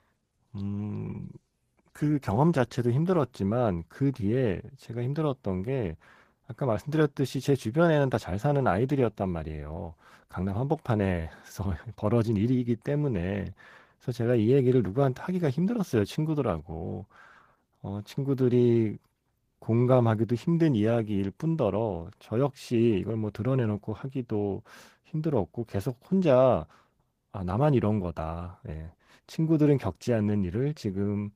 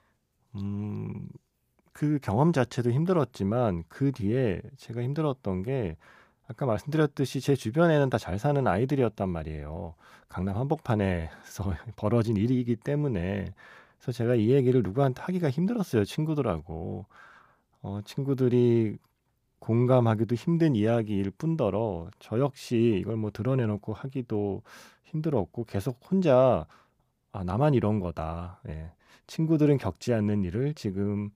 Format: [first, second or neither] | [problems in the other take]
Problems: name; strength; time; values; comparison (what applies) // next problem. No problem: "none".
second | garbled, watery; slightly; nothing above 15 kHz